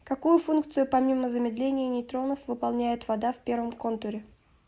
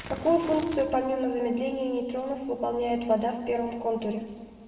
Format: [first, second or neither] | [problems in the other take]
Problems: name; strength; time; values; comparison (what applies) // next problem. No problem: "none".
first | background sound (Fire); 18 dB below the speech // room echo; dies away in 1.6 s